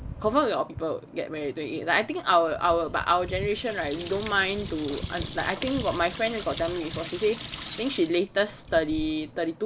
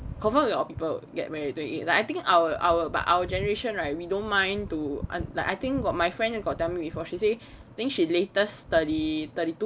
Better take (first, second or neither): second